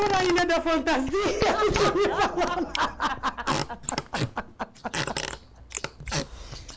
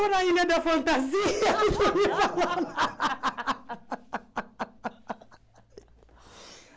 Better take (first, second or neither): second